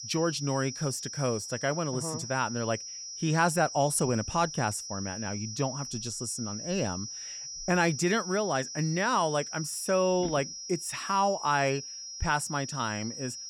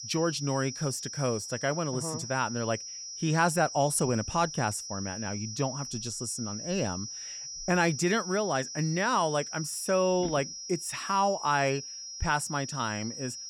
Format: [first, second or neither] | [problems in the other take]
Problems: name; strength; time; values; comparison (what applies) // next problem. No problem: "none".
neither | high-pitched whine; loud; throughout; 5.5 kHz, 8 dB below the speech; the same in both